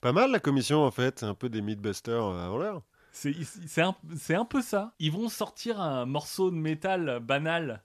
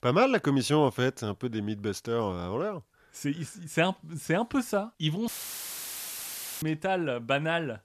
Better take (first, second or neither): first